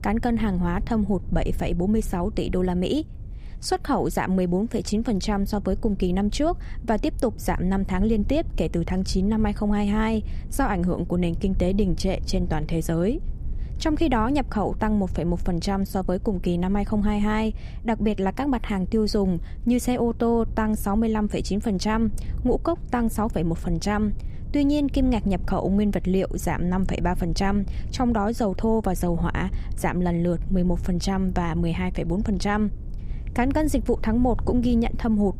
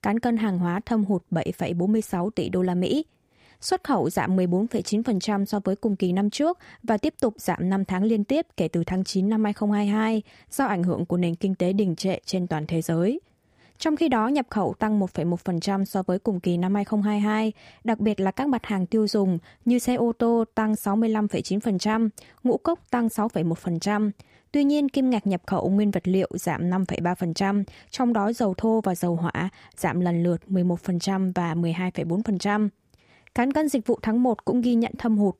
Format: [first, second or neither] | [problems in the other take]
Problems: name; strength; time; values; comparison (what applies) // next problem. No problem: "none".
second | low rumble; faint; throughout; 20 dB below the speech